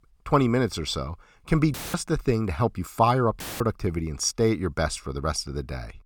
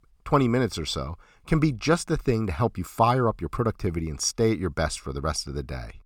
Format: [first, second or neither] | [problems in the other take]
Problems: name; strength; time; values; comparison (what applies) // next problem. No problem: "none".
second | audio cutting out; filled with static; at 1.5 s and at 3.5 s